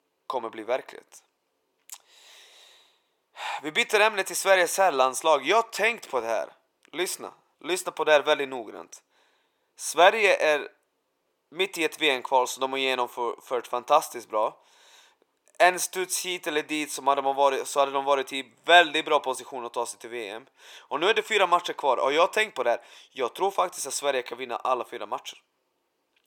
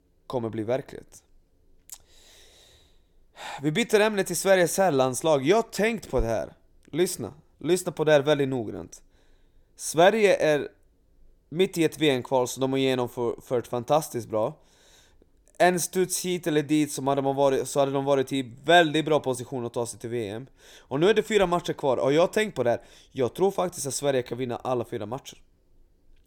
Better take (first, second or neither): second